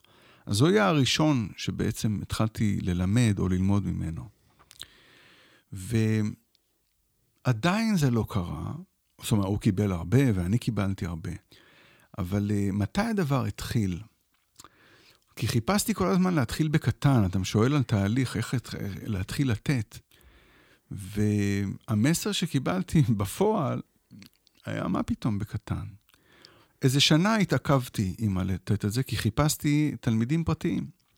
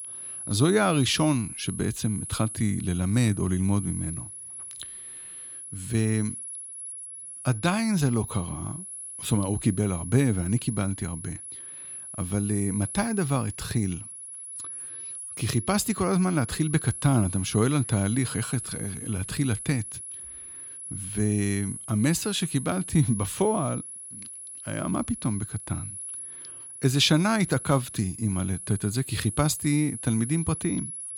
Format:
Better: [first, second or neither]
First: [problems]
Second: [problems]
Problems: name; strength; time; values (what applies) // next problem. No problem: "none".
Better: first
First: none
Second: high-pitched whine; loud; throughout; 10.5 kHz, 9 dB below the speech